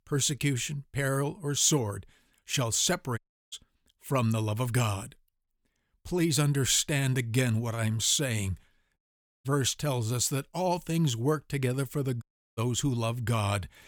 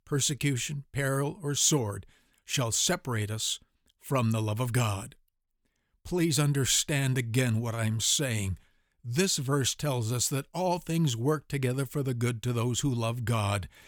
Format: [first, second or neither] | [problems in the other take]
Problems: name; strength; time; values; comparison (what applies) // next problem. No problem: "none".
second | audio cutting out; at 3 s, at 9 s and at 12 s